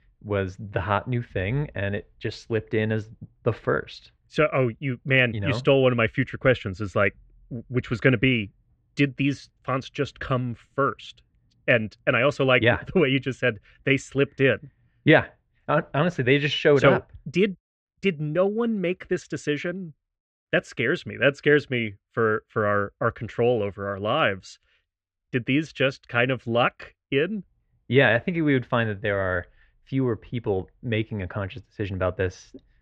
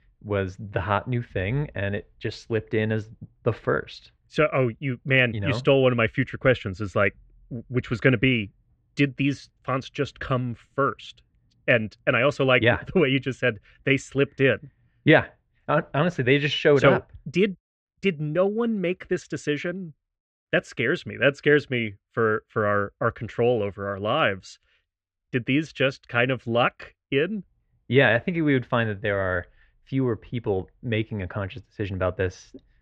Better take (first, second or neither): neither